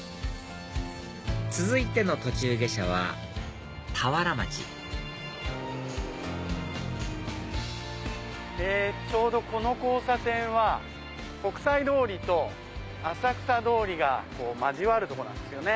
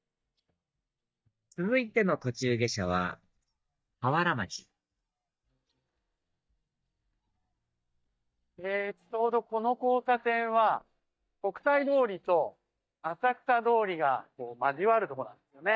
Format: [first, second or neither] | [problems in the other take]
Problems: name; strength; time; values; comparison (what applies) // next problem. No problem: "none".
first | noise reduction (neural mask model DeepFilterNet 3)